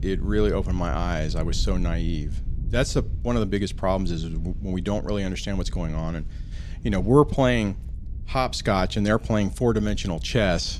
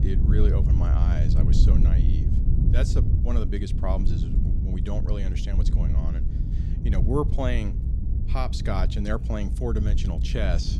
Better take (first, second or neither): first